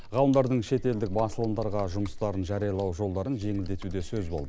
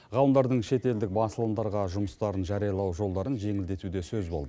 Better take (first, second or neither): second